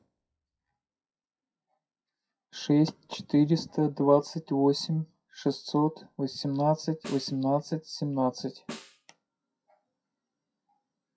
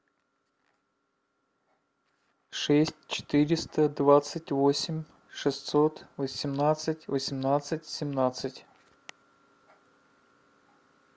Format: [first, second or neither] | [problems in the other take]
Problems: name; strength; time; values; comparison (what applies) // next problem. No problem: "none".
second | noise reduction (classical method WPE with log-MMSE)